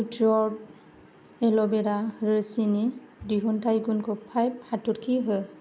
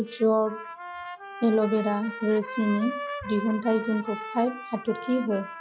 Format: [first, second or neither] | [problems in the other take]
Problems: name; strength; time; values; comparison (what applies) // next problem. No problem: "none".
first | noise reduction (classical method log-MMSE)